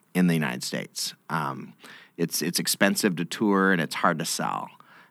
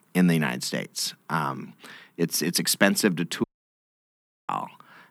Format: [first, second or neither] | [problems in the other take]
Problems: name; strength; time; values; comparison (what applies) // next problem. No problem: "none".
first | audio cutting out; at 3.5 s for 1 s